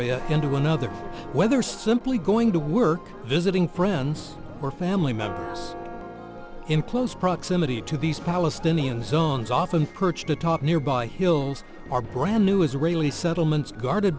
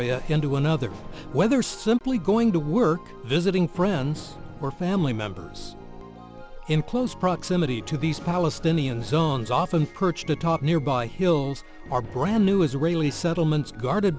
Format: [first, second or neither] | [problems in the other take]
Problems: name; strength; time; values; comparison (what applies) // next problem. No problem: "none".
second | background sound (Church bell); 17 dB below the speech